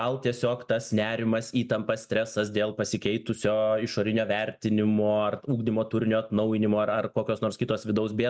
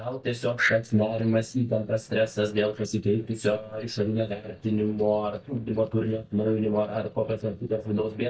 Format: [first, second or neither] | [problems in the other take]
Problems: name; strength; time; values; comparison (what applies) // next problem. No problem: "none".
first | noise reduction (neural mask model DeepFilterNet 3)